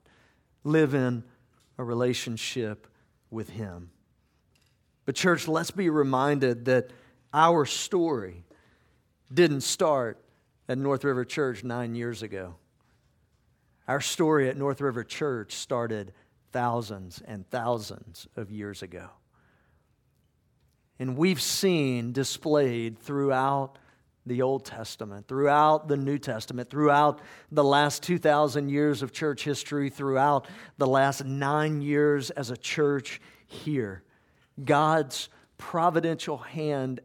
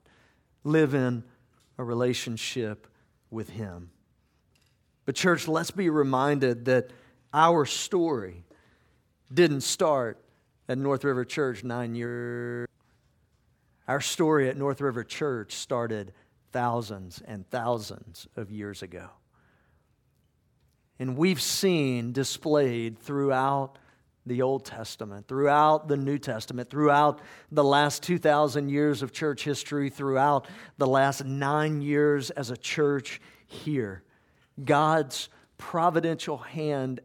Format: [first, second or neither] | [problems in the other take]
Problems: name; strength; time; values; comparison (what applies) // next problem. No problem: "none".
first | audio freezing; at 12 s for 0.5 s